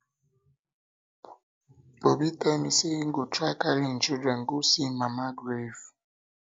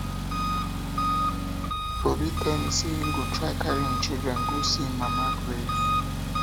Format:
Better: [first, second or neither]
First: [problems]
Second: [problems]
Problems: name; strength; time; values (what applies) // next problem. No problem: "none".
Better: first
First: none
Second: background sound (Engine); 4 dB above the speech